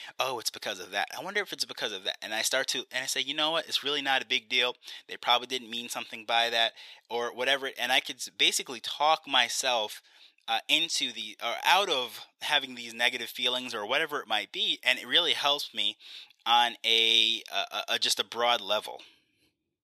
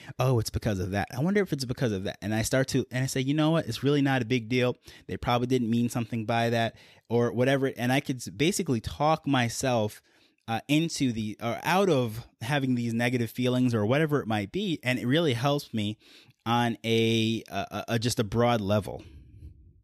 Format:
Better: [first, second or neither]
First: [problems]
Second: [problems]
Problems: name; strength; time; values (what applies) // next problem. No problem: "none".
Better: second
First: thin; very; fading below 750 Hz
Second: none